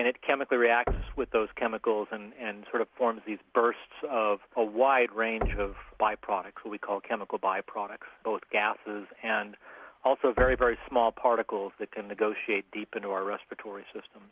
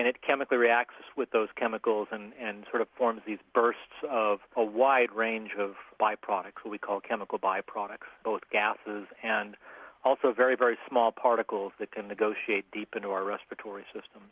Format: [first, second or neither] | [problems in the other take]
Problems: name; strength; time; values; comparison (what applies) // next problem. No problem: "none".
second | background sound (Knock); 11 dB below the speech